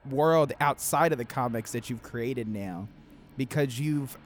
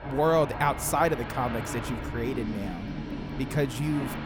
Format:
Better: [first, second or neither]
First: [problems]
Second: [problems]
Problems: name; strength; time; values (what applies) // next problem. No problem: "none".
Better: first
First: train or aircraft noise; faint; throughout; 25 dB below the speech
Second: train or aircraft noise; loud; throughout; 7 dB below the speech